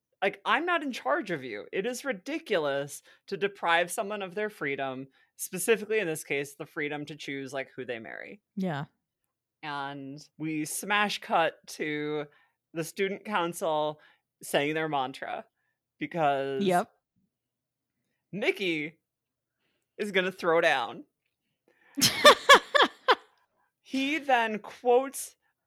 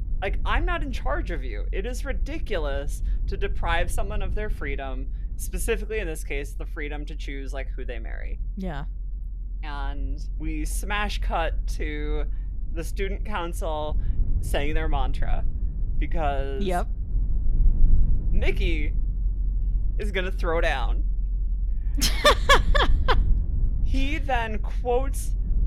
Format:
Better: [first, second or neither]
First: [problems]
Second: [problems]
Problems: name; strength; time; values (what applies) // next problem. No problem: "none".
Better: first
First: none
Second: low rumble; faint; throughout; 20 dB below the speech